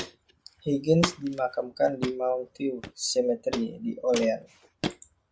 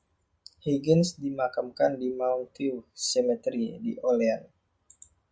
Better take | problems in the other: second | background sound (Walk, footsteps); 10 dB below the speech

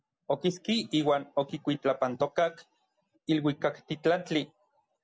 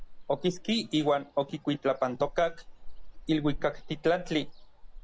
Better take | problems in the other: first | background sound (Ocean); 11 dB below the speech

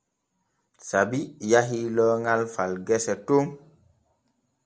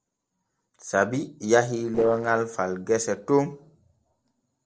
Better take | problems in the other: first | noise reduction (neural separator model SepFormer DNS4)

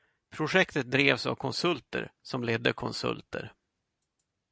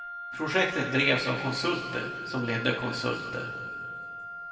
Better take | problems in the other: first | background sound (Wind instrument, woodwind instrument); 8 dB below the speech // room echo; dies away in 2.1 s

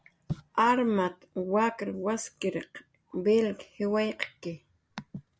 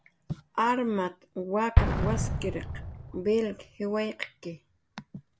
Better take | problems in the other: first | background sound (Explosion); as loud as the speech

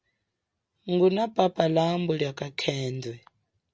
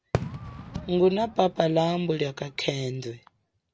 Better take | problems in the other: first | background sound (Fireworks); 11 dB below the speech

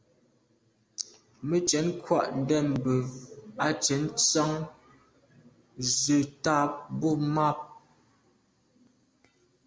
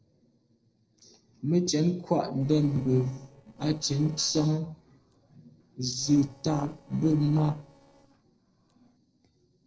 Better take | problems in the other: first | noise reduction (neural separator model SepFormer DNS4)

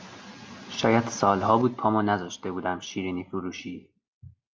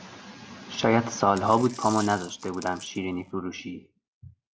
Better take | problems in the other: first | background sound (Coin (dropping)); 18 dB below the speech

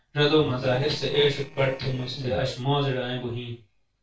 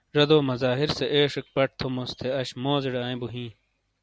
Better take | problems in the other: second | noise reduction (neural separator model SepFormer DNS4)

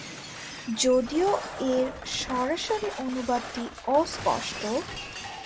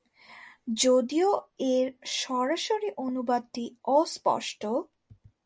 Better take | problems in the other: second | background sound (Shatter); 10 dB below the speech

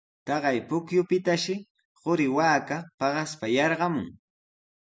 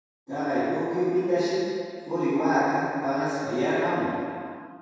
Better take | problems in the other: first | room echo; dies away in 2.2 s

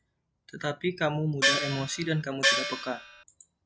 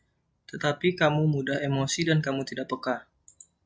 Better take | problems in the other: second | background sound (Gong); 4 dB above the speech

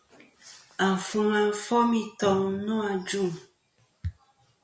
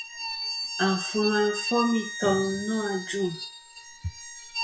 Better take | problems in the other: first | noise reduction (classical method log-MMSE)

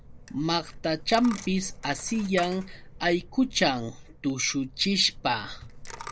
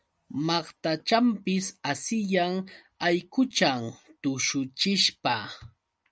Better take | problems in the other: second | background sound (Coin (dropping)); 14 dB below the speech

